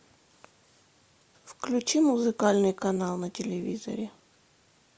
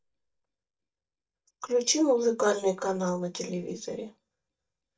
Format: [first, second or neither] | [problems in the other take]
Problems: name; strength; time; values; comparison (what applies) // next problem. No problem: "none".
first | noise reduction (neural mask model DeepFilterNet 3)